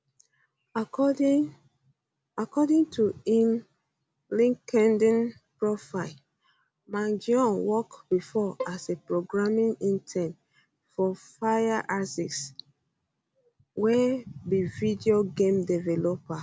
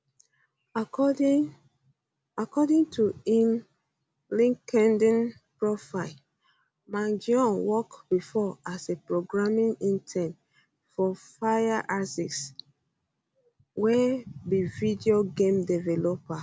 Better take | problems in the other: second | background sound (Bowed string instrument); 15 dB below the speech

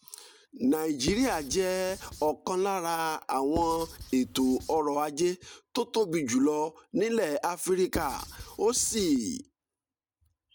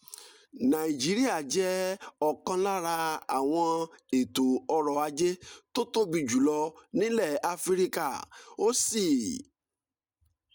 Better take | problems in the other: second | background sound (Writing); 12 dB below the speech

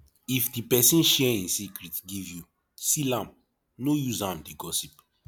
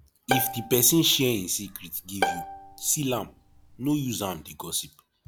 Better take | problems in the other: first | background sound (Bowed string instrument); 7 dB below the speech

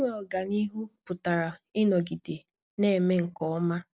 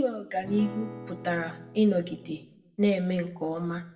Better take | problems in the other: first | background sound (Acoustic guitar / Strum); 14 dB below the speech // room echo; dies away in 0.6 s

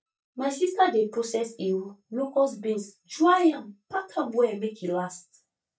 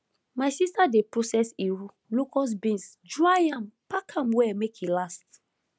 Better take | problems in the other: second | noise reduction (neural mask model DeepFilterNet 3)

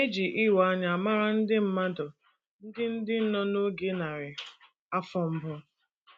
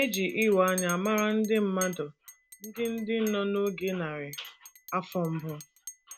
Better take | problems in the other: first | background sound (Chink, clink); 16 dB below the speech

